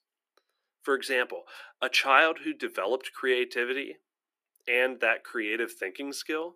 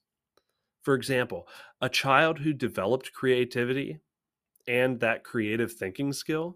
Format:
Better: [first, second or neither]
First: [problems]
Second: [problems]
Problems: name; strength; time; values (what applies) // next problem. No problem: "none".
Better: second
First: thin; somewhat; fading below 300 Hz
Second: none